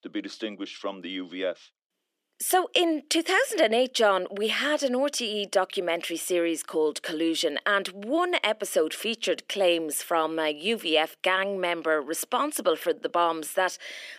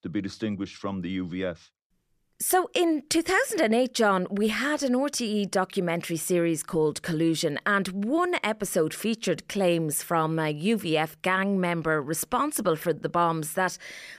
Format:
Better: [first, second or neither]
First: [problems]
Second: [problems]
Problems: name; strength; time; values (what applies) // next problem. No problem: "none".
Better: second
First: thin; somewhat; fading below 250 Hz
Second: none